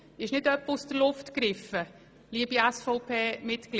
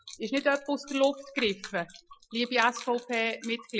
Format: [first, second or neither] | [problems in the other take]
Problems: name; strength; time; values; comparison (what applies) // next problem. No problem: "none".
first | noise reduction (classical method Wiener filter)